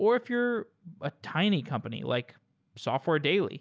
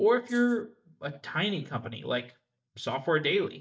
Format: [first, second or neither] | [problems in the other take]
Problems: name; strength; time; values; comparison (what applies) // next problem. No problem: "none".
first | noise reduction (neural mask model DeepFilterNet 3)